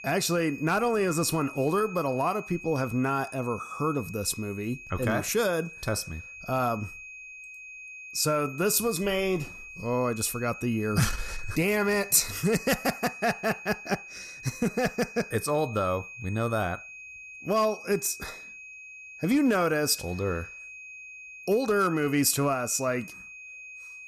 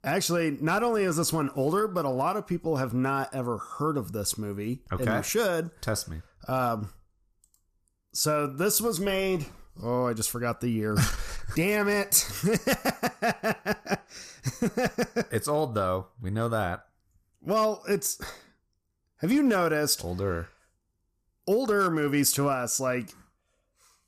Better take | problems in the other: second | high-pitched whine; noticeable; throughout; 2.5 kHz, 15 dB below the speech

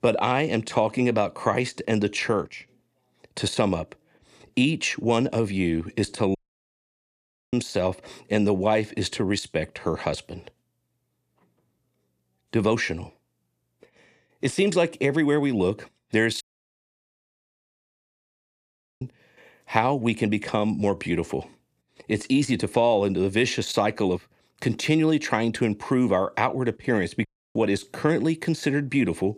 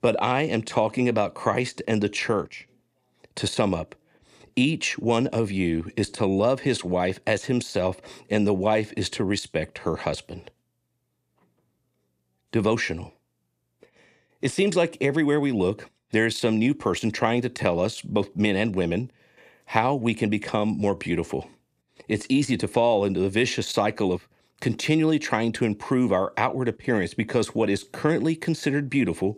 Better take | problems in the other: second | audio cutting out; at 6.5 s for 1 s, at 16 s for 2.5 s and at 27 s

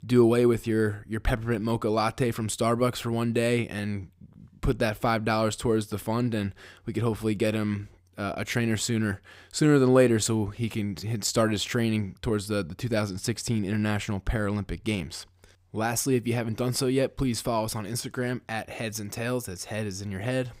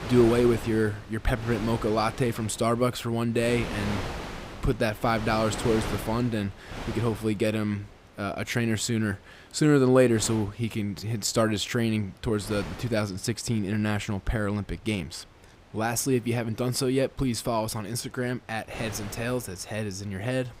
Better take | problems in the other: first | wind noise on the microphone; heavy; 10 dB below the speech

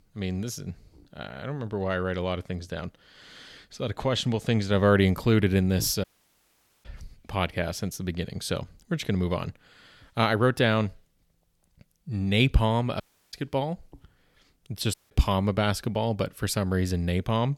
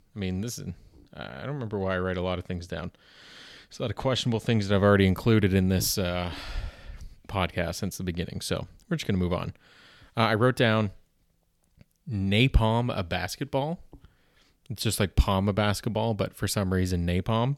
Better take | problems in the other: second | audio cutting out; at 6 s for 1 s, at 13 s and at 15 s

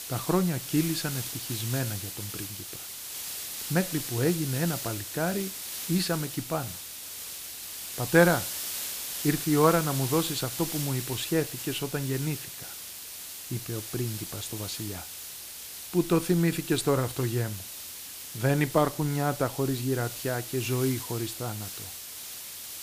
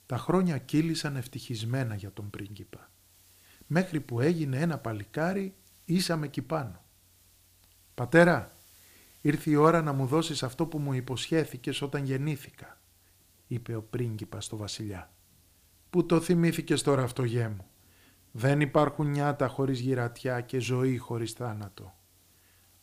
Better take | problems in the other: second | hiss; loud; throughout; 6 dB below the speech; faint in the second

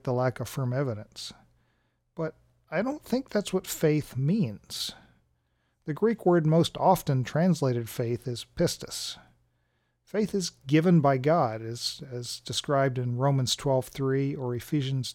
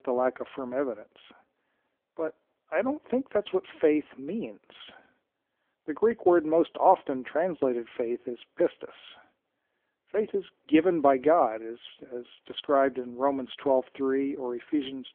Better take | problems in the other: first | phone-call audio; poor line; nothing above 3.5 kHz

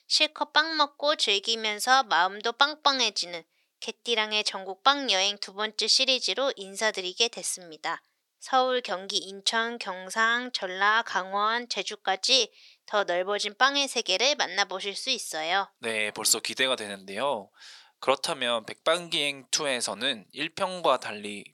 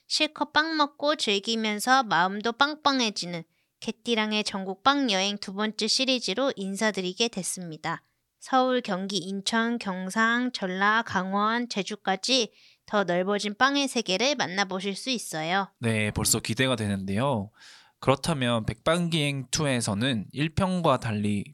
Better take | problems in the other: second | thin; somewhat; fading below 500 Hz

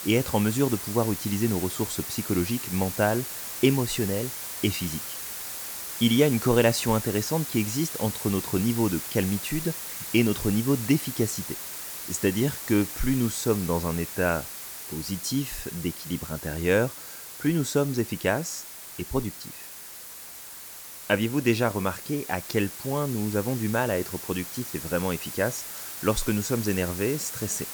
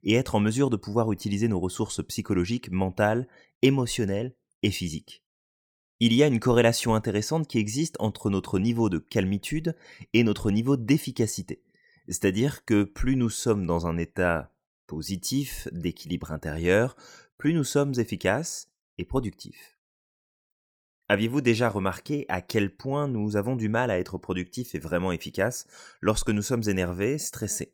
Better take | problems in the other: second | hiss; loud; throughout; 7 dB below the speech

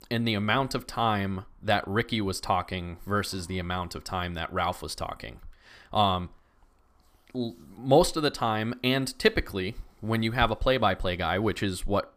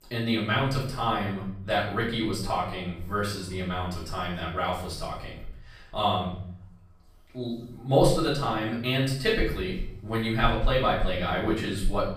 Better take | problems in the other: first | room echo; noticeable; dies away in 0.7 s // off-mic speech; far

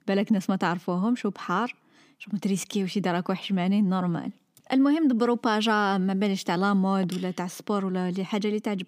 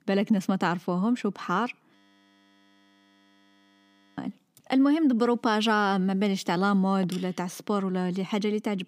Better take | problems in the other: first | audio freezing; at 2 s for 2 s

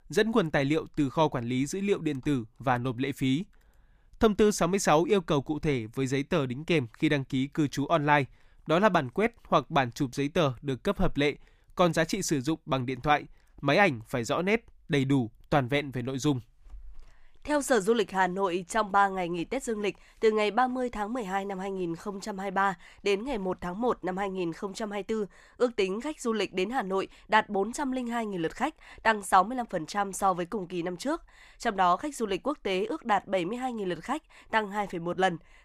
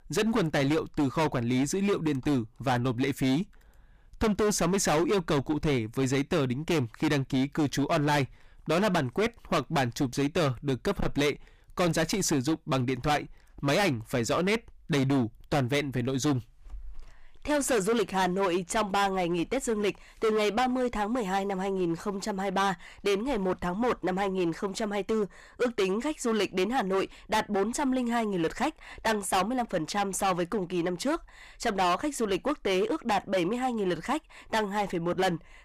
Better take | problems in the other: first | distortion; heavy; 14% of the sound clipped

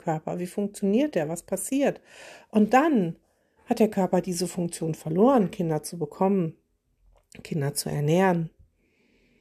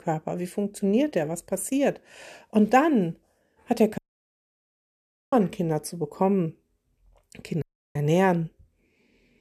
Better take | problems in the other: first | audio cutting out; at 4 s for 1.5 s and at 7.5 s

